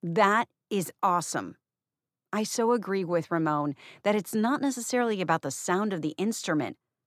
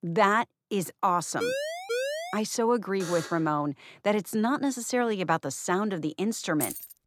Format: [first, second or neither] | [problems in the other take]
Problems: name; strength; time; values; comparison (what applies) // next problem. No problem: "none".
first | siren; noticeable; at 1.5 s; peak 2 dB below the speech // alarm; noticeable; at 3 s; peak 9 dB below the speech // jangling keys; noticeable; at 6.5 s; peak 5 dB below the speech